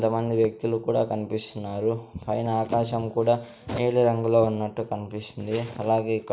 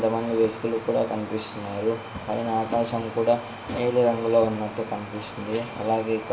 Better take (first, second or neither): first